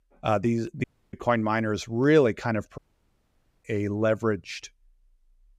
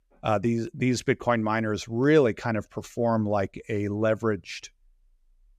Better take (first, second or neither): second